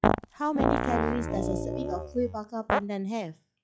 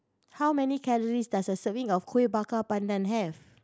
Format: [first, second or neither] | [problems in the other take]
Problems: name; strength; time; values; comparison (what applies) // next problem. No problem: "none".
second | noise reduction (classical method log-MMSE)